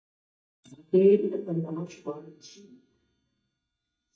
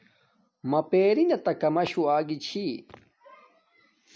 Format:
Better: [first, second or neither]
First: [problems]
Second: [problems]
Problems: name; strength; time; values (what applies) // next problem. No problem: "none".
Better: second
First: noise reduction (neural mask model DeepFilterNet 3)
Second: none